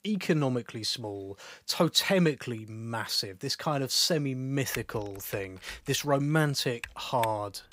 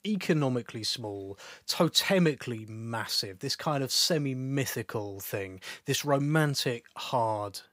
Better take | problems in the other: second | keyboard typing; faint; from 4.5 s on; peak 10 dB below the speech

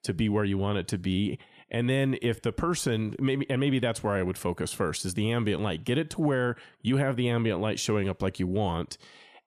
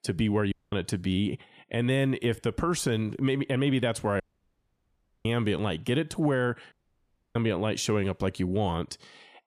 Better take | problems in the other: first | audio cutting out; at 0.5 s, at 4 s for 1 s and at 6.5 s for 0.5 s

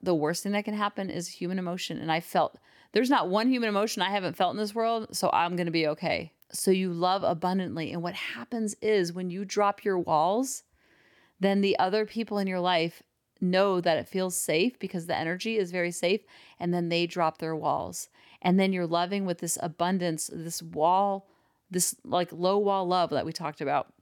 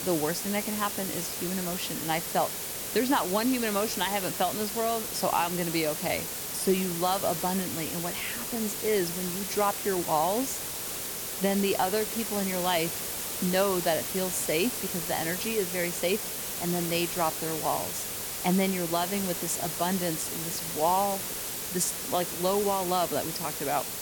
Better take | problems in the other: first | hiss; loud; throughout; 2 dB below the speech

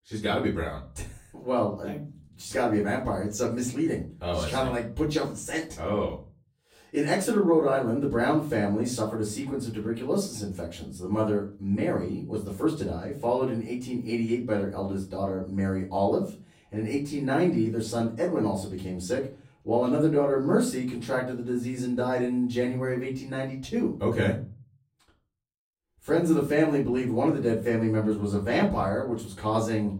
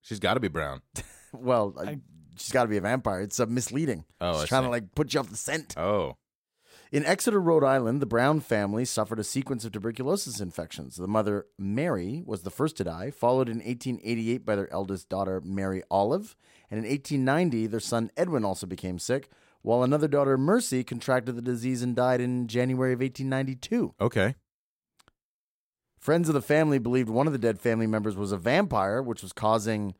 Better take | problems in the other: second | off-mic speech; far // room echo; slight; dies away in 0.4 s

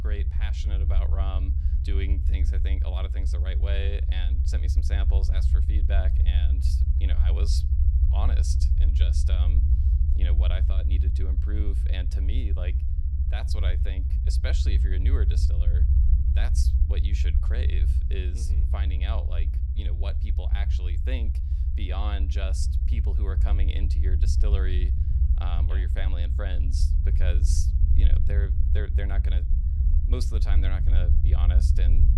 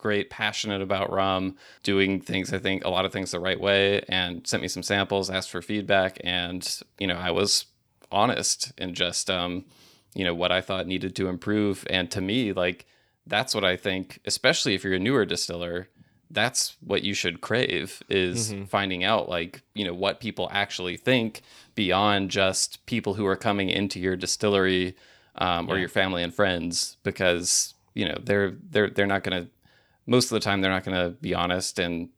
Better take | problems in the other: second | low rumble; loud; throughout; 3 dB below the speech

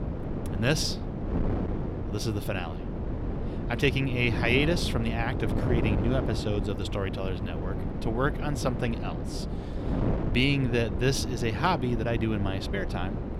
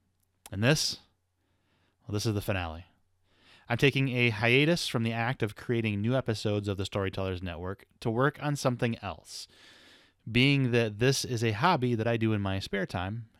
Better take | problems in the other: second | wind noise on the microphone; heavy; 7 dB below the speech

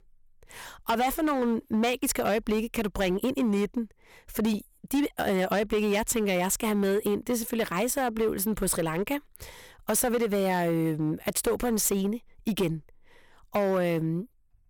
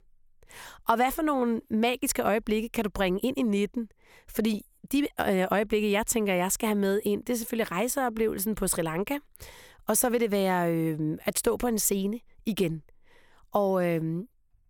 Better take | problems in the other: second | distortion; slight; 9% of the sound clipped

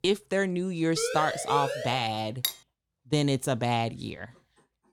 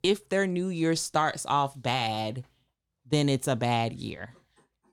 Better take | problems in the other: second | siren; noticeable; from 1 to 2 s; peak 3 dB below the speech // clattering dishes; noticeable; at 2.5 s; peak 3 dB below the speech

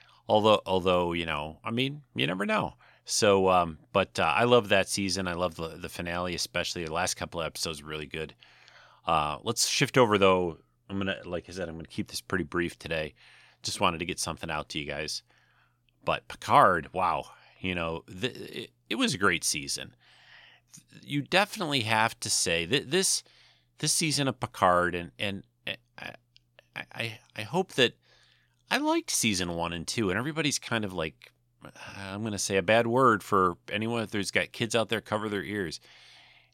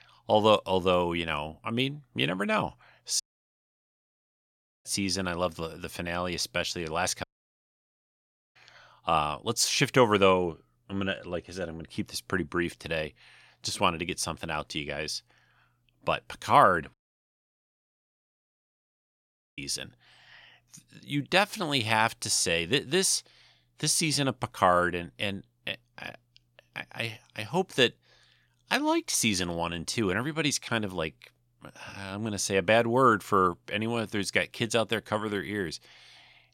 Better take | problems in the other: first | audio cutting out; at 3 s for 1.5 s, at 7 s for 1.5 s and at 17 s for 2.5 s

